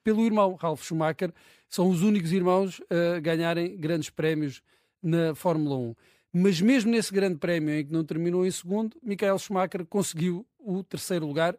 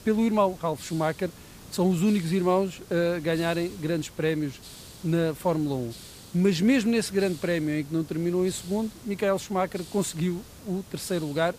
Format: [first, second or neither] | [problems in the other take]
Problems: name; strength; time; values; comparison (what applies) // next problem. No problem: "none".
first | hiss; noticeable; throughout; 20 dB below the speech